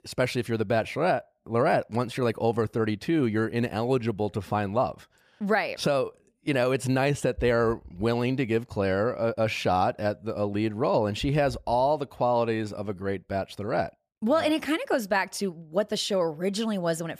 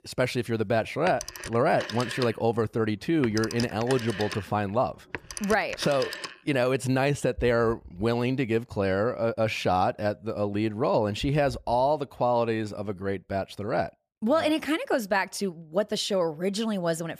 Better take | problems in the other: first | phone ringing; noticeable; from 1 to 6.5 s; peak 7 dB below the speech

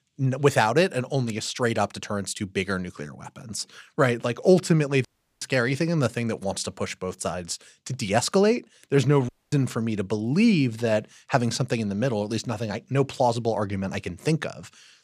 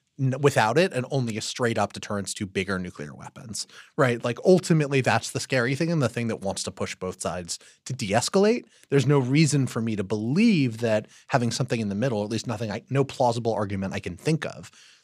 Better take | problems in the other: second | audio cutting out; at 5 s and at 9.5 s

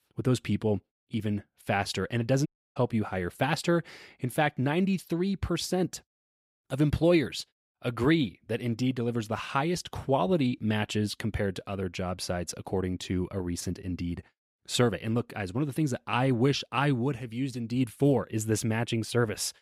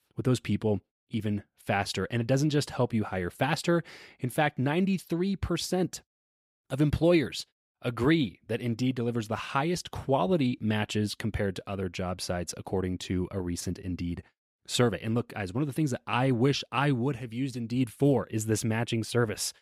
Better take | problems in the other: second | audio cutting out; at 2.5 s

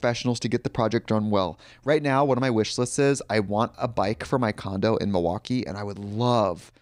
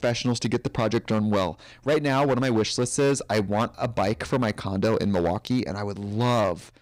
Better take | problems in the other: first | distortion; slight; 8% of the sound clipped

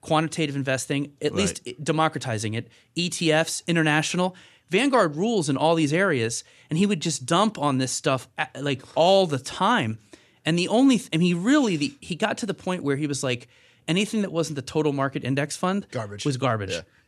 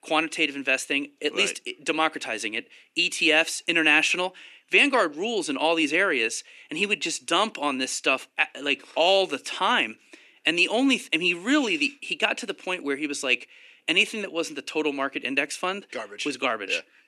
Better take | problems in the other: first | thin; very slightly; fading below 300 Hz

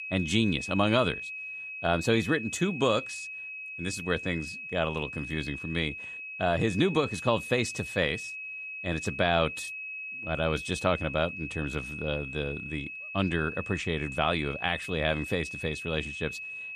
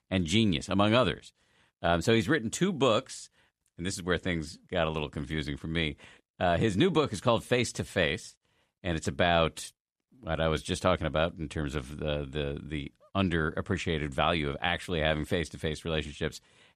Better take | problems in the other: second | high-pitched whine; loud; throughout; 2.5 kHz, 7 dB below the speech

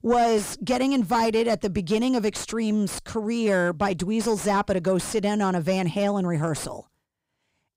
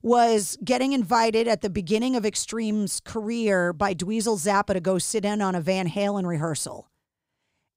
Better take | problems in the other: second | distortion; slight; 10 dB below the speech

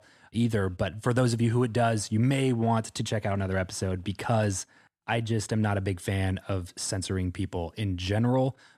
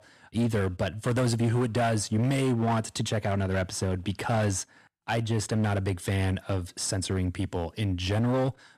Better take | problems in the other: first | distortion; slight; 10% of the sound clipped

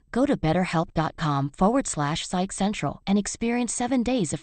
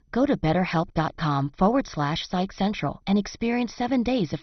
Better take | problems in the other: first | garbled, watery; badly; nothing above 6 kHz; slightly in the first

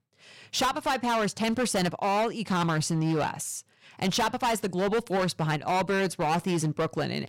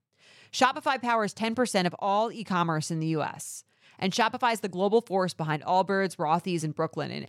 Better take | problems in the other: second | distortion; heavy; 18% of the sound clipped

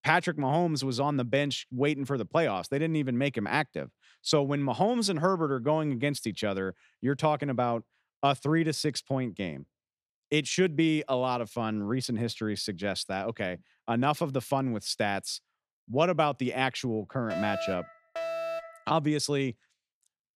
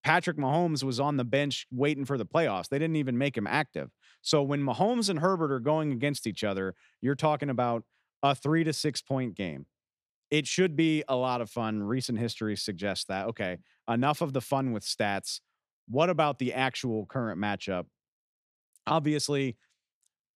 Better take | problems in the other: second | alarm; noticeable; from 17 to 19 s; peak 4 dB below the speech

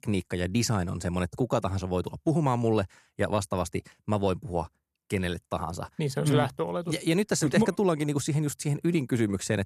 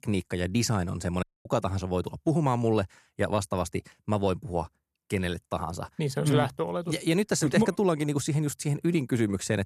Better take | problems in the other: first | audio cutting out; at 1 s

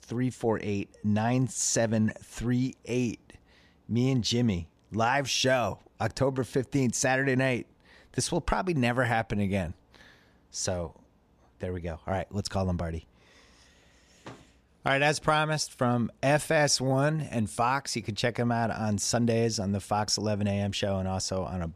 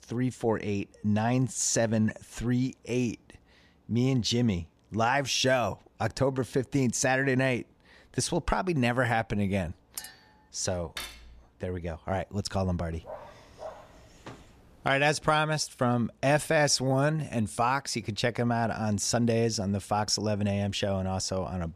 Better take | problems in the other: first | clattering dishes; faint; at 10 s and at 11 s; peak 10 dB below the speech // dog barking; faint; from 13 to 15 s; peak 15 dB below the speech

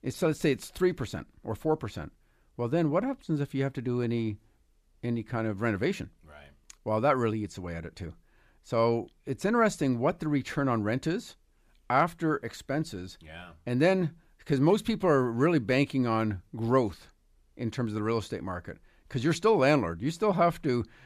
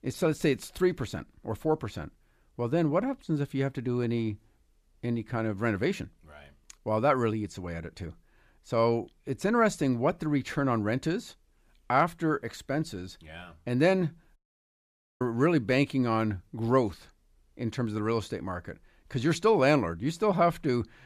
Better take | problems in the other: first | audio cutting out; at 14 s for 1 s

